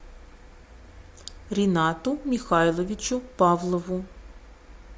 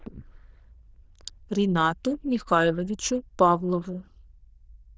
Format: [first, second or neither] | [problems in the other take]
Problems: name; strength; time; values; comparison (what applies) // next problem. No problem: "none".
first | noise reduction (neural diffusion model UNIVERSE++)